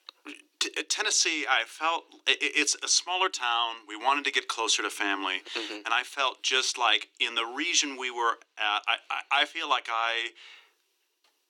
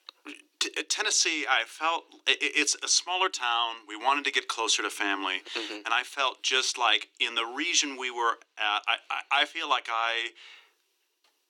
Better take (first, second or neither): neither